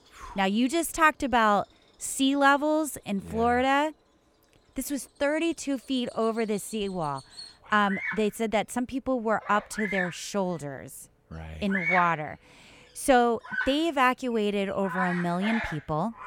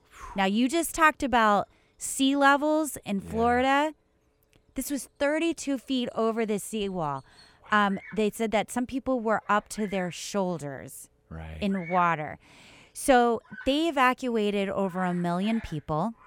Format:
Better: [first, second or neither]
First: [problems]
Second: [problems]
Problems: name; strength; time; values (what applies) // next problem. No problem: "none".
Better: second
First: animal sounds; loud; throughout; 6 dB below the speech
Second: animal sounds; faint; throughout; 20 dB below the speech